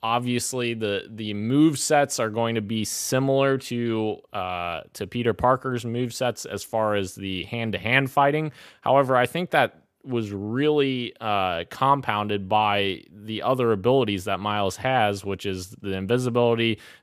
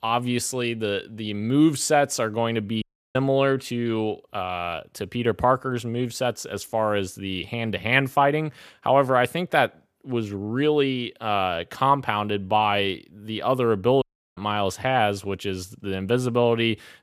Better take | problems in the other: first | audio cutting out; at 3 s and at 14 s

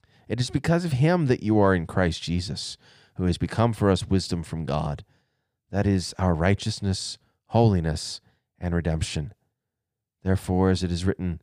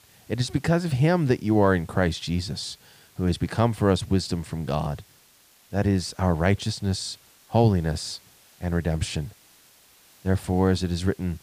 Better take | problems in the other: first | hiss; faint; throughout; 30 dB below the speech

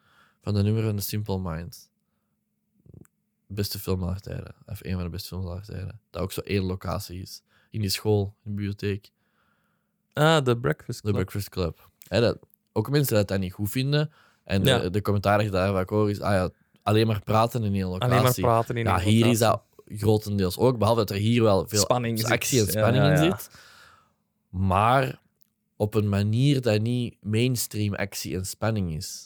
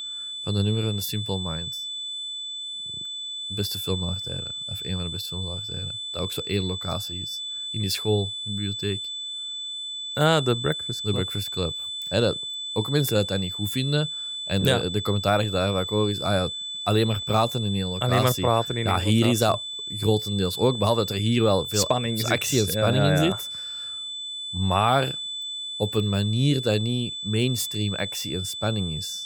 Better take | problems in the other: first | high-pitched whine; loud; throughout; 3.5 kHz, 5 dB below the speech

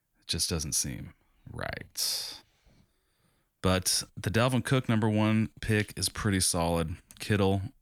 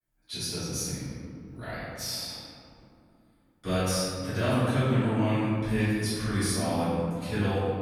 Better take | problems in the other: first | room echo; strong; dies away in 2.7 s // off-mic speech; far

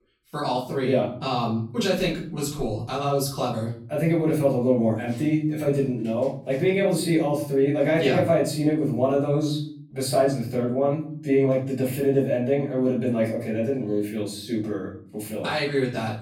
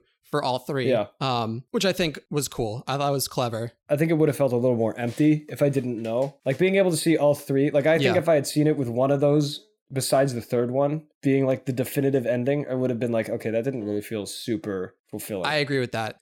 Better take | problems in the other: second | room echo; slight; dies away in 0.5 s // off-mic speech; far

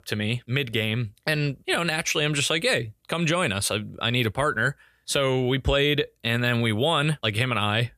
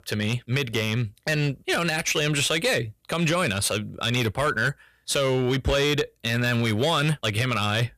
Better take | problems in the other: first | distortion; slight; 7% of the sound clipped

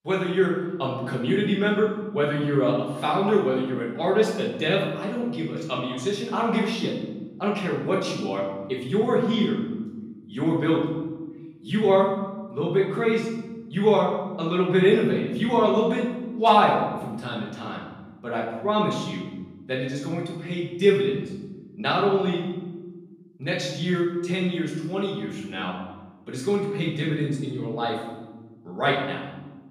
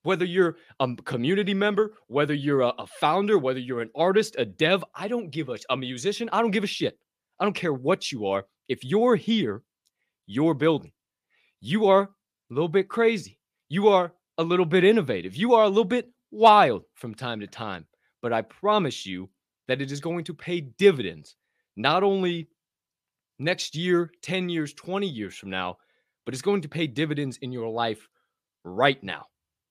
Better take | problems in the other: second | room echo; noticeable; dies away in 1.2 s // off-mic speech; far

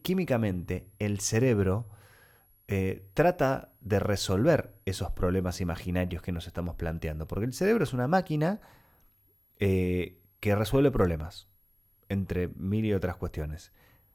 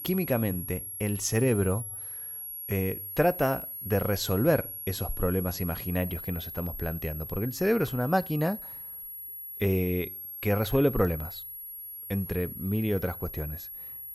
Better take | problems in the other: first | high-pitched whine; loud; throughout; 11 kHz, 8 dB below the speech; faint in the first

